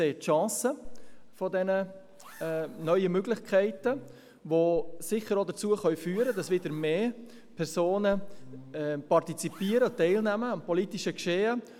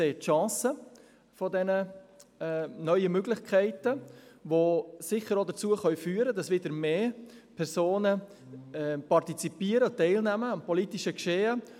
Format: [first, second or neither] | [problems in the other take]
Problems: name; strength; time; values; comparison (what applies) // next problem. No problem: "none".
second | background sound (Zipper (clothing)); 16 dB below the speech